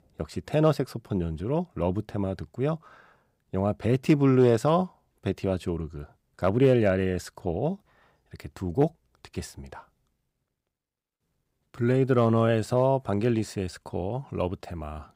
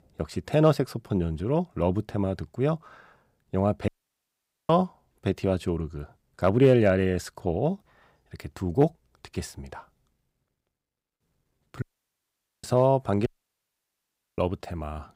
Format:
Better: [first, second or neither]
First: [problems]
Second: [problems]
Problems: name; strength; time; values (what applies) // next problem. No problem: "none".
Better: first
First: none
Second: audio cutting out; at 4 s for 1 s, at 12 s for 1 s and at 13 s for 1 s